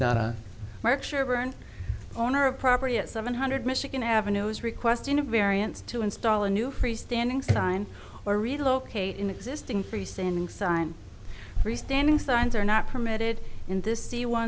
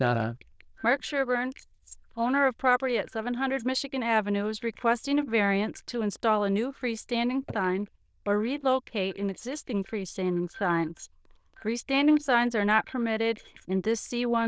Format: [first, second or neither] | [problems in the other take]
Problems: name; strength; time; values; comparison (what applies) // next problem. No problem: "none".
first | noise reduction (neural diffusion model UNIVERSE++)